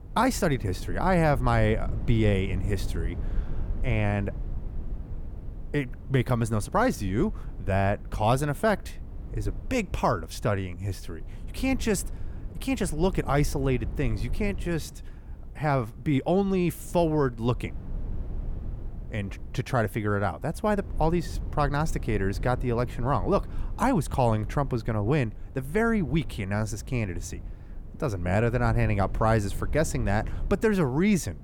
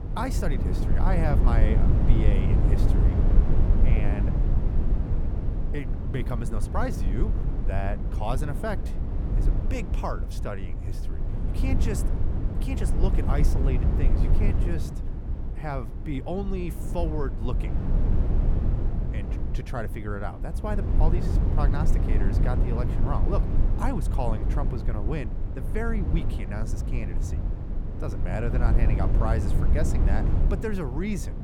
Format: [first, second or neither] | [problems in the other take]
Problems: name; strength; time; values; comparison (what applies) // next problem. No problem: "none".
first | low rumble; loud; throughout; 4 dB below the speech; faint in the first